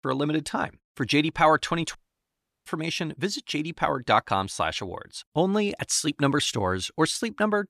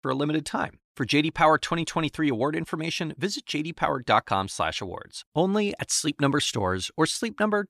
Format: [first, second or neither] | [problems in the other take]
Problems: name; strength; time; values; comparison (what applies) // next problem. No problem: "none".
second | audio cutting out; at 2 s for 0.5 s